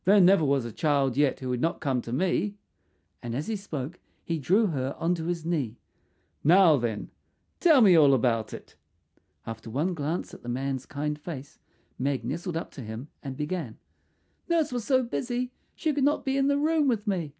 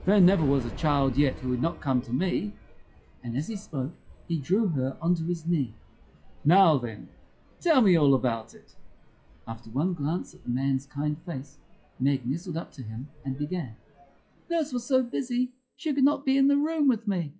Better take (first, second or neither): first